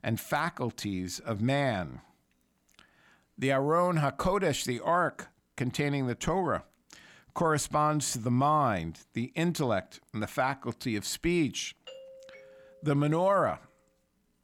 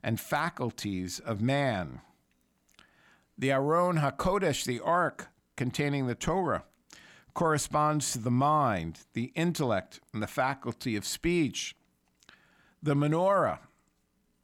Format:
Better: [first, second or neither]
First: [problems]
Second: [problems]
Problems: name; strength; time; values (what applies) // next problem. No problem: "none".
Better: second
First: doorbell; faint; from 12 to 13 s; peak 20 dB below the speech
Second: none